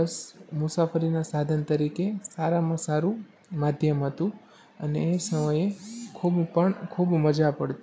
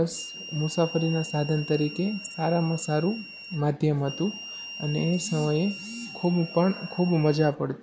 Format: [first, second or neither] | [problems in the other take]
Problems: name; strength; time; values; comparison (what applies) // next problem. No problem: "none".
first | background sound (Harmonica); 14 dB below the speech